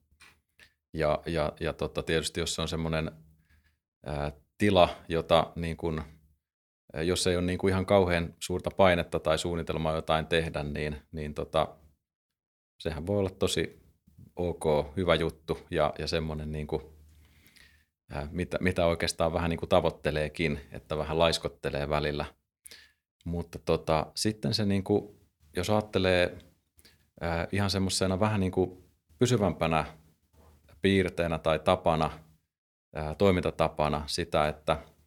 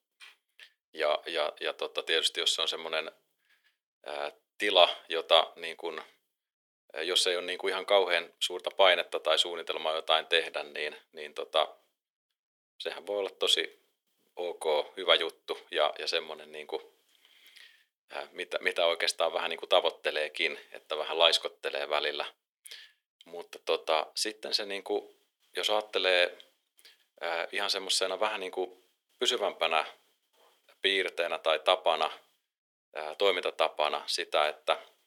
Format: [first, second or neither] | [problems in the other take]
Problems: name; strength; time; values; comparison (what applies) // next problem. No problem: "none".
first | thin; very; fading below 400 Hz